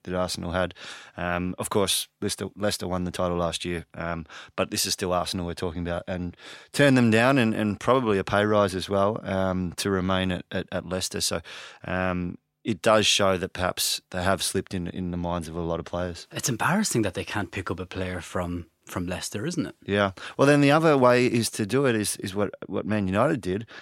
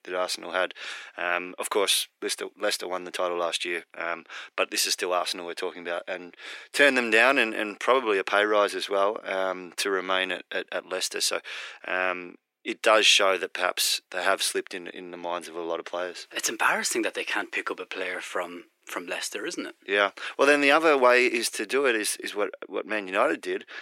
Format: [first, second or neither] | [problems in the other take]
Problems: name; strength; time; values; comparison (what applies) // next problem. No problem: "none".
first | thin; somewhat; fading below 350 Hz